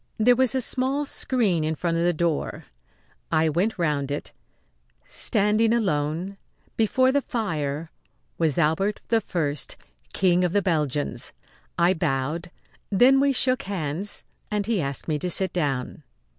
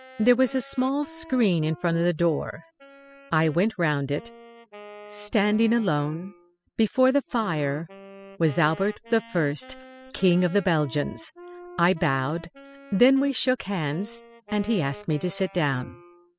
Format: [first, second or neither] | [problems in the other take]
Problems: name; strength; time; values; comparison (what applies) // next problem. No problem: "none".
first | noise reduction (classical method spectral subtraction)